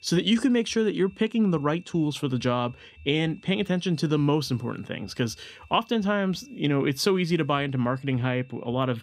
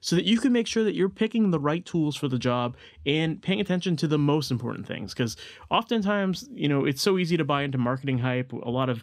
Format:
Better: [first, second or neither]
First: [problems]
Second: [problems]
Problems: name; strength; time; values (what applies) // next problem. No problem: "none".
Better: second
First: high-pitched whine; faint; throughout; 2.5 kHz, 30 dB below the speech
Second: none